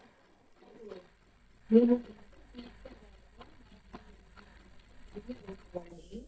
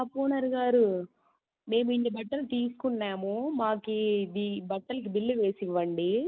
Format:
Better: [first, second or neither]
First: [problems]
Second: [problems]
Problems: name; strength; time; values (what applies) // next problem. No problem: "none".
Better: second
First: noise reduction (neural mask model DeepFilterNet 3)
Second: none